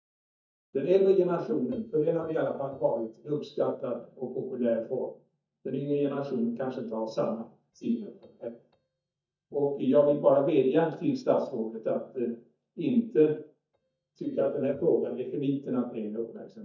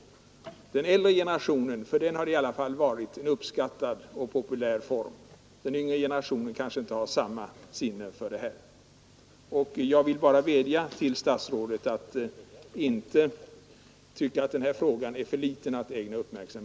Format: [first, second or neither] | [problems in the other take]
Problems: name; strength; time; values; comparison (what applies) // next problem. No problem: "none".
second | noise reduction (neural mask model DeepFilterNet 3)